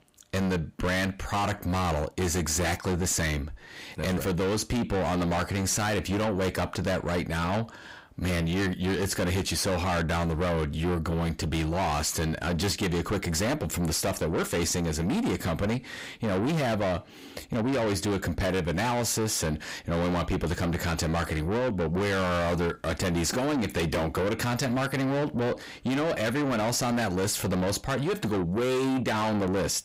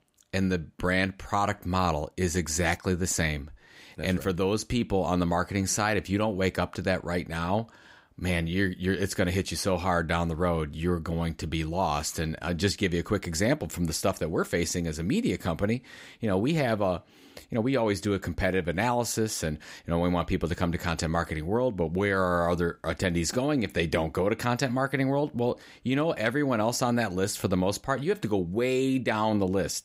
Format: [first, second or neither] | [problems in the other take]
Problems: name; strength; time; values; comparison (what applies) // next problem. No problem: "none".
second | distortion; heavy; 6 dB below the speech